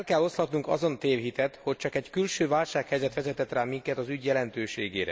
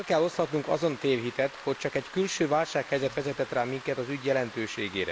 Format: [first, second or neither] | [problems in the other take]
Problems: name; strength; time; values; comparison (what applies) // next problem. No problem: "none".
first | background sound (Rain); 17 dB below the speech